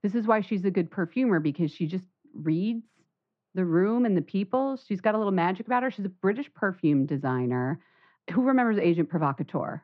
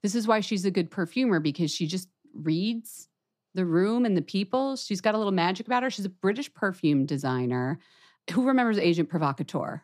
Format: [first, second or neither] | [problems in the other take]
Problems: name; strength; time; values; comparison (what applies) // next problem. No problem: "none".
second | muffled; very; fading above 2 kHz